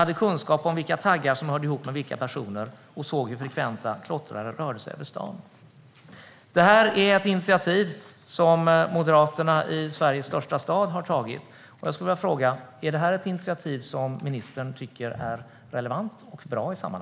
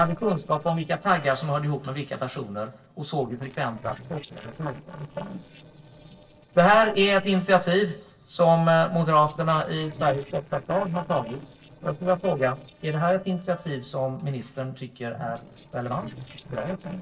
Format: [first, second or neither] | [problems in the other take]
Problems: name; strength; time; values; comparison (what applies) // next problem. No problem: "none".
first | noise reduction (neural separator model SepFormer DNS4)